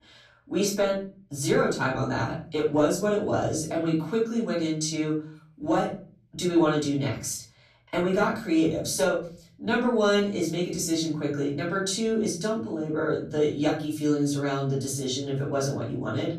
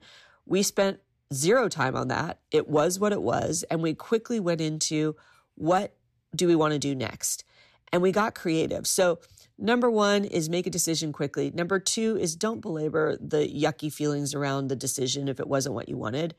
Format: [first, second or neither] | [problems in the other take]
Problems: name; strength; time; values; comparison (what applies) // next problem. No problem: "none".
second | off-mic speech; far // room echo; slight; dies away in 0.4 s